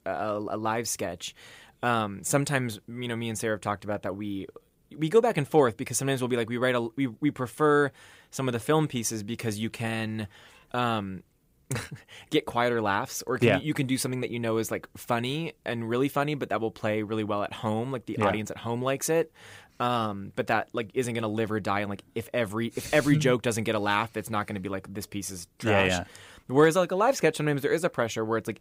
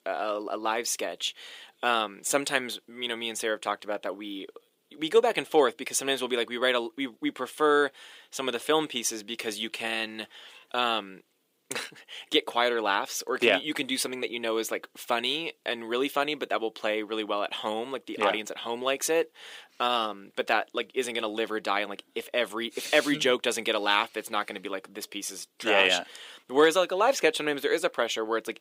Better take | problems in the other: first | thin; somewhat; fading below 300 Hz

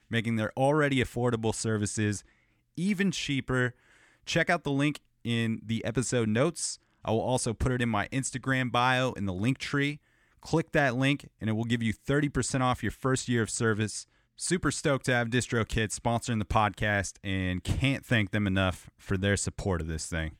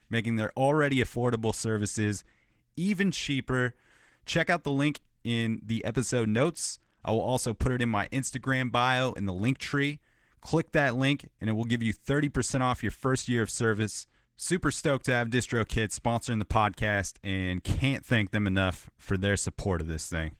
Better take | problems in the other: first | garbled, watery; slightly; nothing above 18.5 kHz

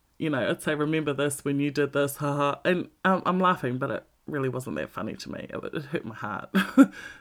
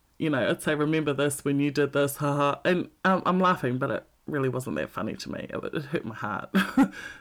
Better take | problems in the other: first | distortion; slight; 10 dB below the speech

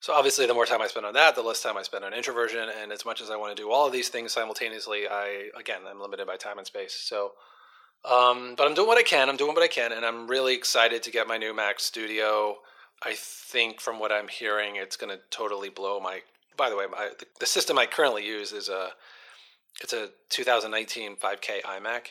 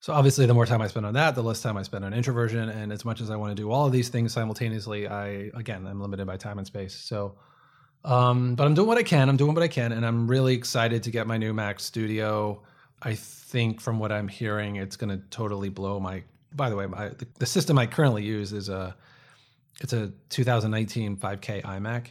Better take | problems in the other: second | thin; very; fading below 400 Hz

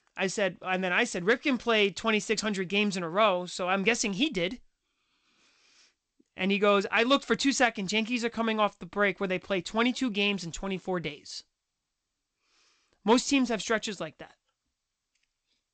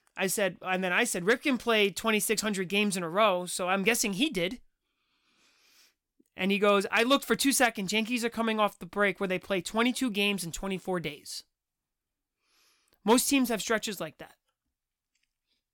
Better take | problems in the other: second | garbled, watery; slightly; nothing above 8 kHz

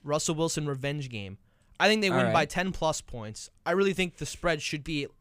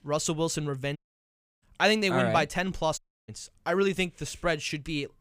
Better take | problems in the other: first | audio cutting out; at 1 s for 0.5 s and at 3 s

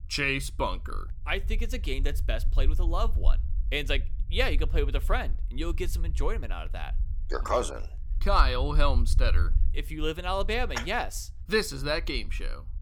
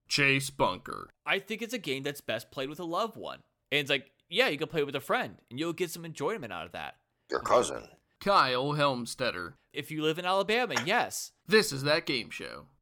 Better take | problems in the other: second | low rumble; faint; throughout; 25 dB below the speech

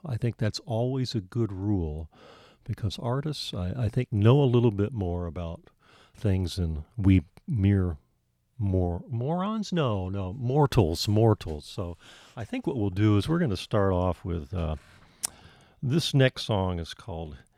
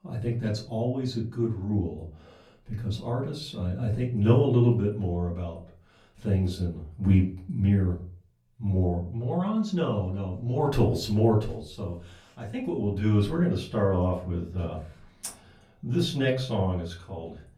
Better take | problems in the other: first | off-mic speech; far // room echo; very slight; dies away in 0.3 s

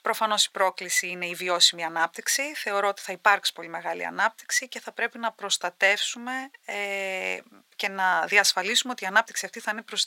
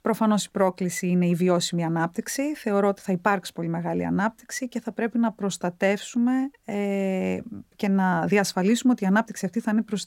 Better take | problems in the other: second | thin; very; fading below 850 Hz

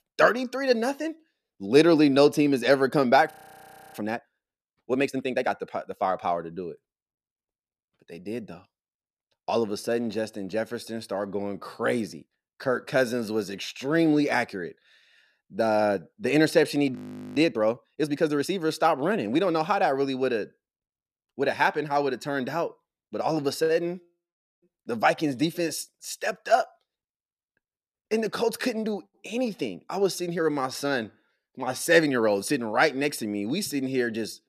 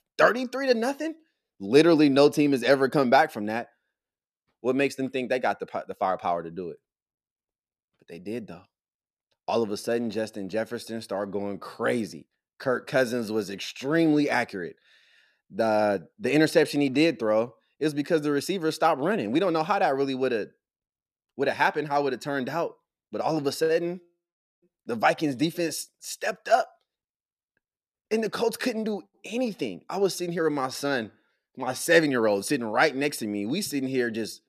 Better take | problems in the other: second | audio freezing; at 3.5 s for 0.5 s and at 17 s

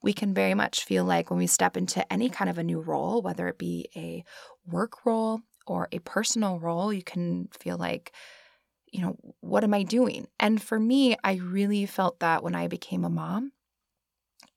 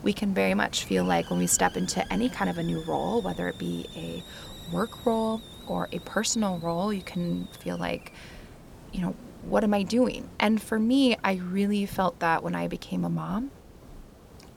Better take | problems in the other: first | hiss; noticeable; throughout; 15 dB below the speech

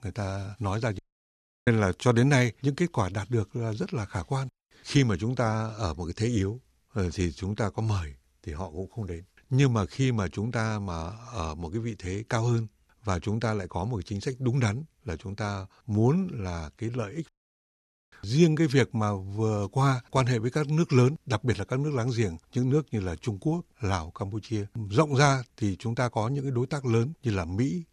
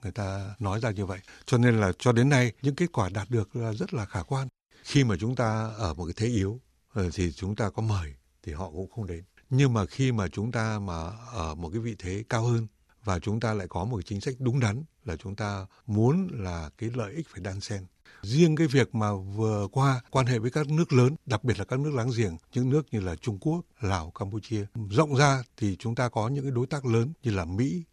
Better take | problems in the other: second | audio cutting out; at 1 s for 0.5 s and at 17 s for 1 s

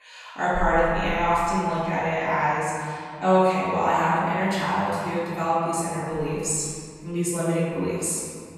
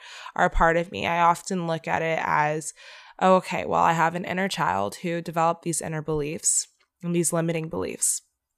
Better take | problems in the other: second | off-mic speech; far // room echo; strong; dies away in 2.1 s

